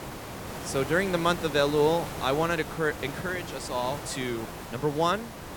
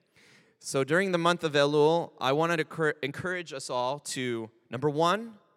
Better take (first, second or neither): second